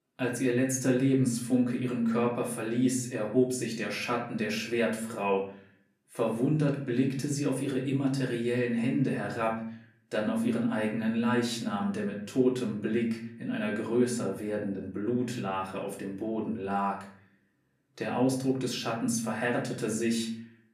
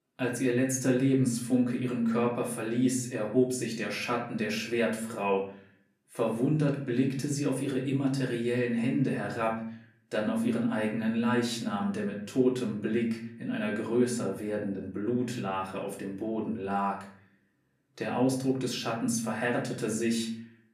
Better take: neither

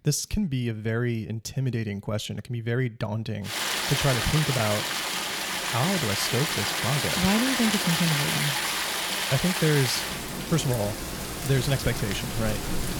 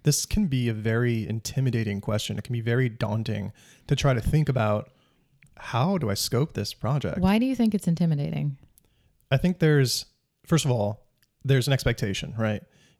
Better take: second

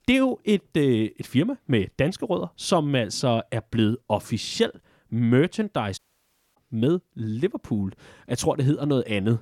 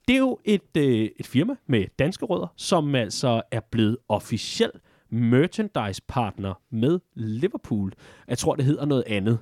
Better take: second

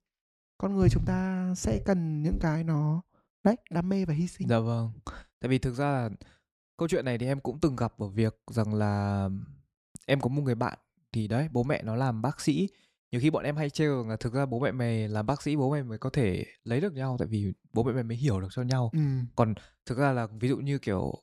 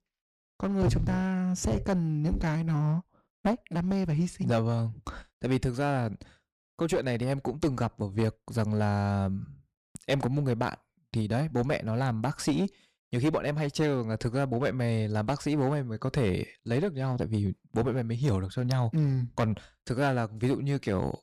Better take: first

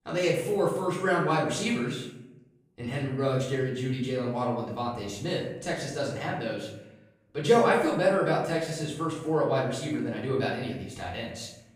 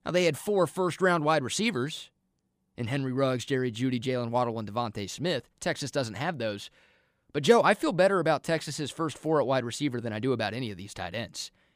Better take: second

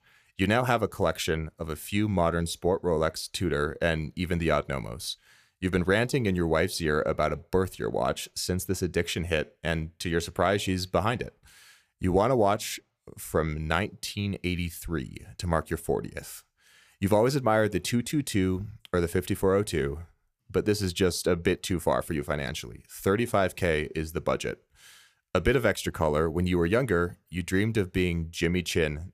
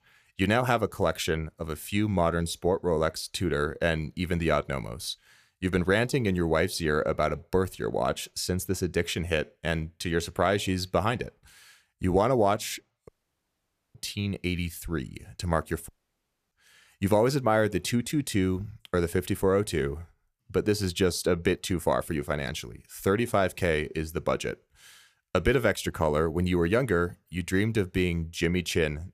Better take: first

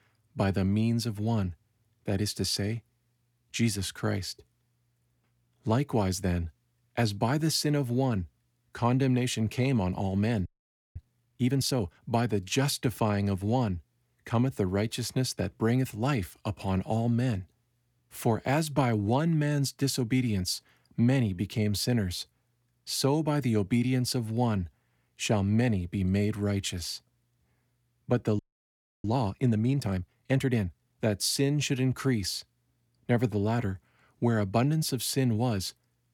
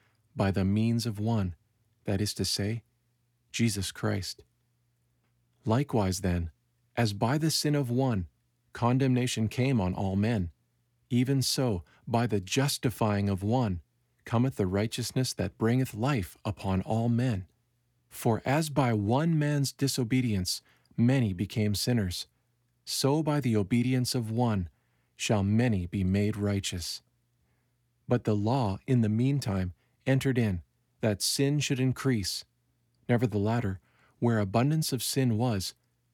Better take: second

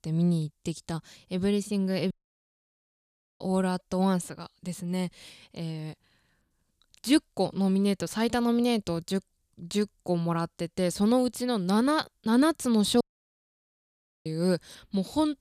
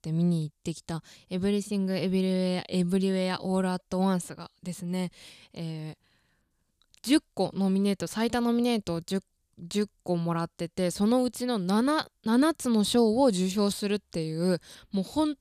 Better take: second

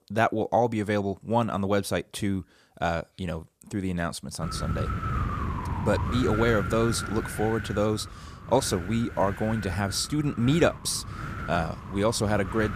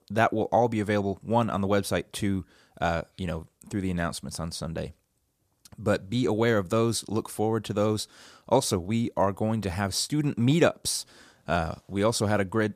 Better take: second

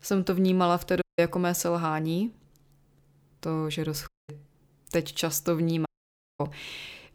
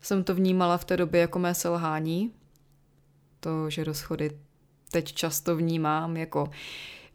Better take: second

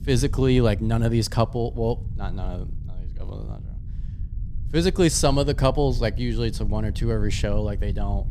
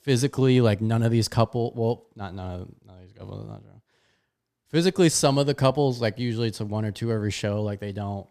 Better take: second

